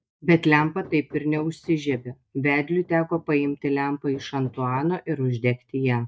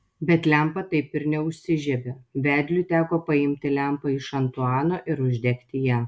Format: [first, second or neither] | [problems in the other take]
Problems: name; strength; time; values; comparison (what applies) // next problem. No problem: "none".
second | noise reduction (neural mask model DeepFilterNet 3)